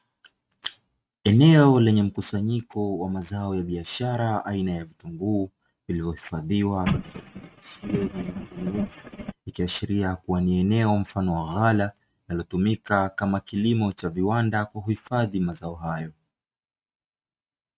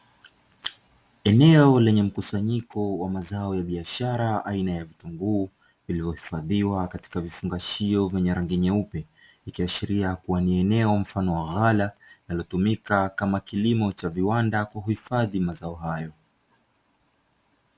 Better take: second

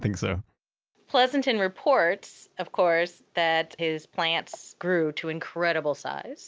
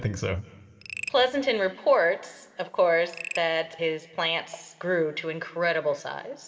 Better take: first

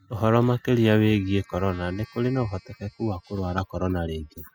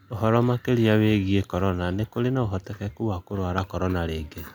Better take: second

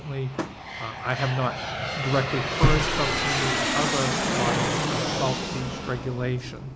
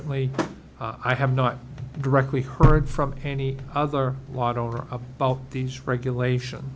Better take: second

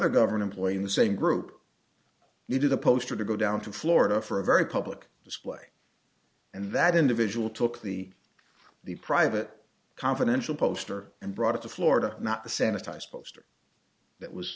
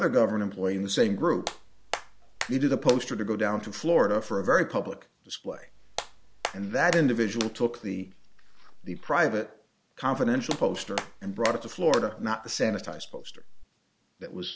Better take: first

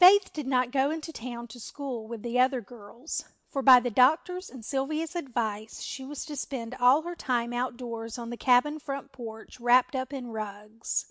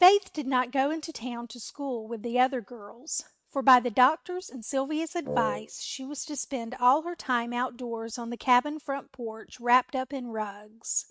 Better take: first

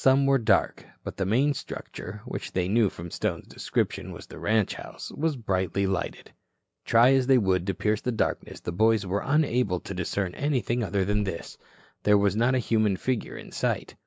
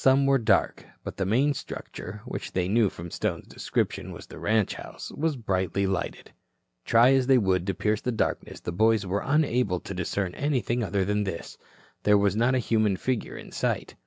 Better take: second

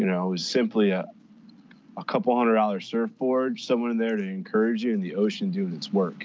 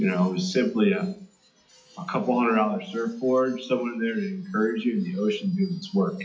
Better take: first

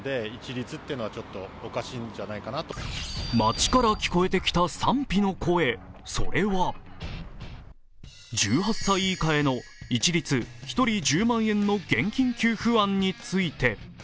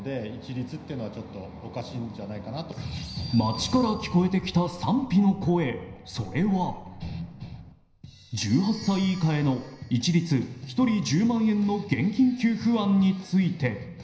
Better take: first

